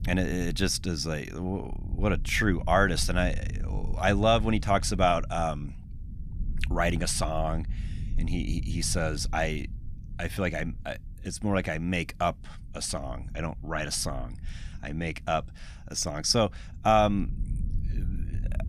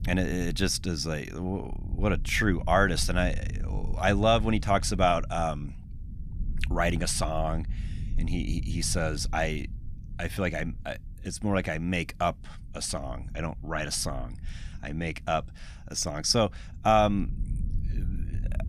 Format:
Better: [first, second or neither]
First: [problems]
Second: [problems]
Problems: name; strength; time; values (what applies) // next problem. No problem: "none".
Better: neither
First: low rumble; faint; throughout; 25 dB below the speech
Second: low rumble; faint; throughout; 25 dB below the speech